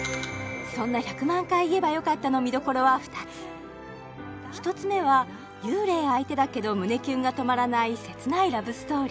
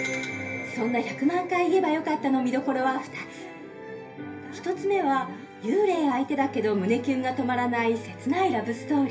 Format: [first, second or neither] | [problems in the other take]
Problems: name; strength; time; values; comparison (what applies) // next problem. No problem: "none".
first | room echo; dies away in 0.3 s